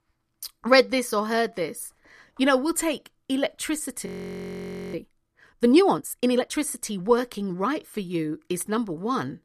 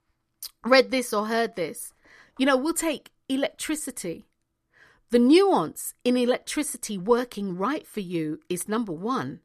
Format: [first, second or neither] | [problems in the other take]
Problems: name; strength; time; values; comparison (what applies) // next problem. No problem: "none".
second | audio freezing; at 4 s for 1 s